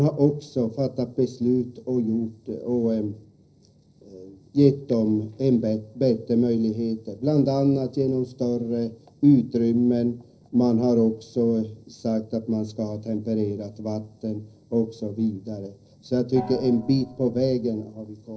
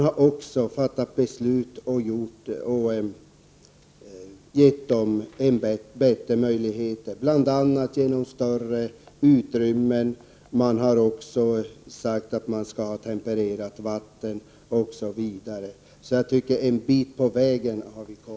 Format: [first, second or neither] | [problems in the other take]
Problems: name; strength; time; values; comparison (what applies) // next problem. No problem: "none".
second | noise reduction (neural separator model SepFormer DNS4)